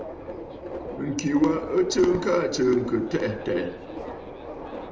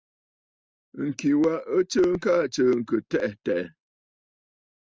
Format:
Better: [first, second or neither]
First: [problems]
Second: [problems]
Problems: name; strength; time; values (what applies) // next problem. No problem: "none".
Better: second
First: background sound (Subway, metro, underground); 11 dB below the speech // room echo; dies away in 0.7 s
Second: none